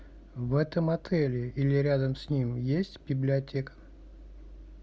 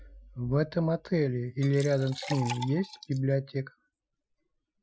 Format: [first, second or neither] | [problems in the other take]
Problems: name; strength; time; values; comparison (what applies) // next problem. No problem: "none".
first | noise reduction (classical method Wiener filter)